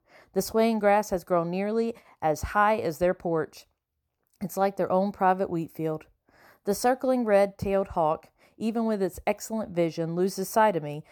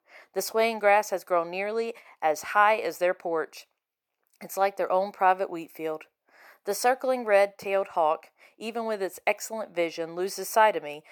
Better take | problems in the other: first | thin; somewhat; fading below 450 Hz

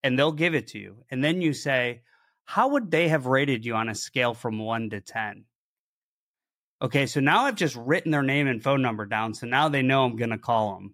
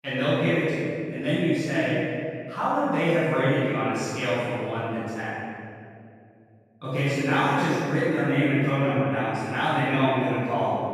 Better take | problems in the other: first | off-mic speech; far // room echo; strong; dies away in 2.2 s

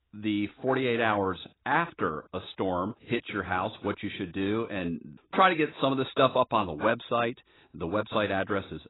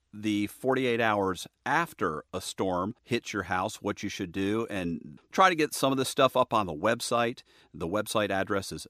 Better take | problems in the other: second | garbled, watery; badly; nothing above 4 kHz

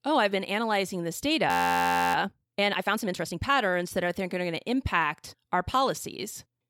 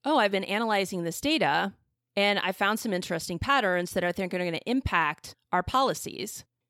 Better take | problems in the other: second | audio freezing; at 1.5 s for 0.5 s

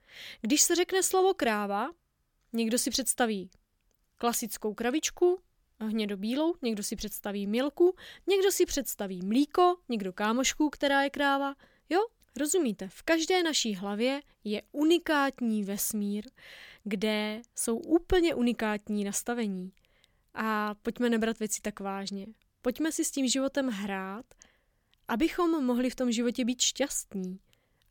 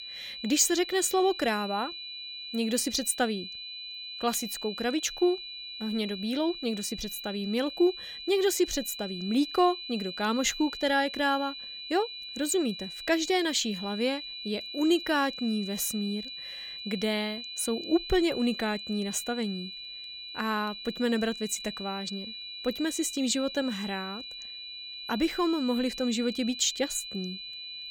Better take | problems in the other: first | high-pitched whine; loud; throughout; 4 kHz, 9 dB below the speech

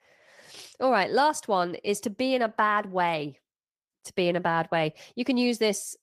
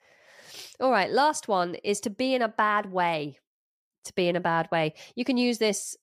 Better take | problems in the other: second | garbled, watery; slightly; nothing above 12 kHz

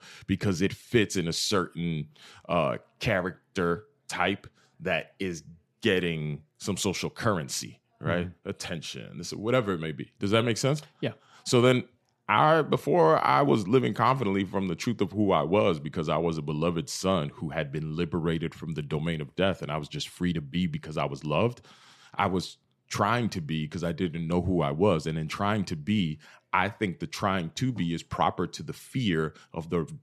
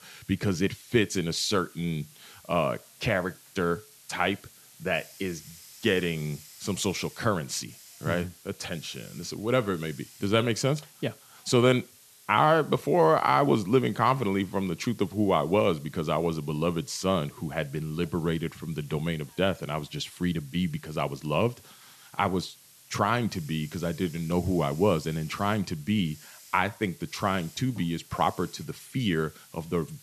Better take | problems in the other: first | hiss; faint; throughout; 20 dB below the speech

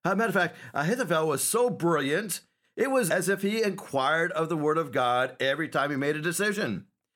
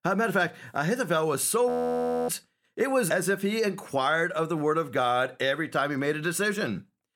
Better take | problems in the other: first | audio freezing; at 1.5 s for 0.5 s

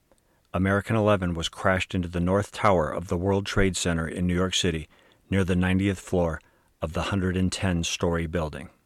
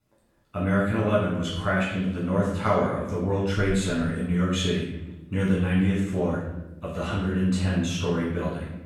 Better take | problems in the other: first | off-mic speech; far // room echo; noticeable; dies away in 1 s

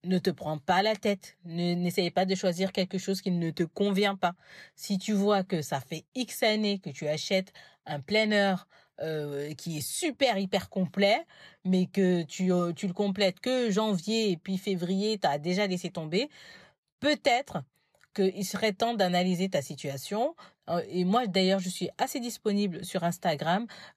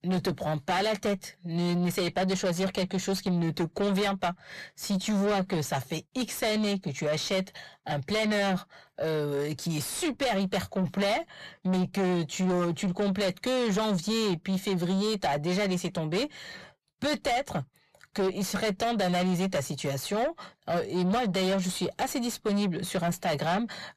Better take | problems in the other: first | distortion; heavy; 7 dB below the speech

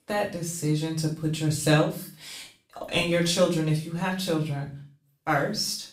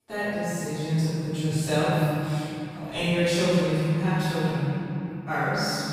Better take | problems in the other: first | room echo; strong; dies away in 3 s; slight in the first // off-mic speech; far; far in the first

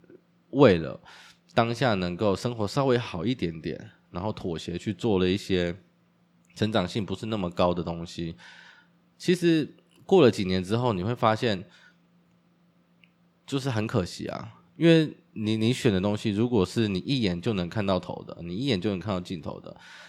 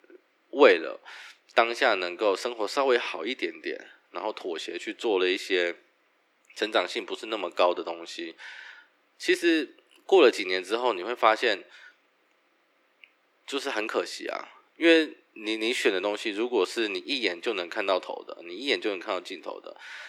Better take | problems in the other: first | thin; very; fading below 300 Hz

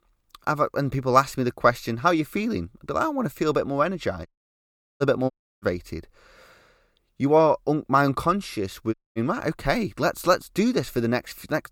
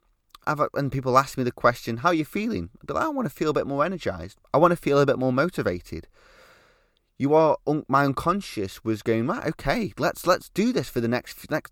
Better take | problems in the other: second | audio cutting out; at 4.5 s for 0.5 s, at 5.5 s and at 9 s

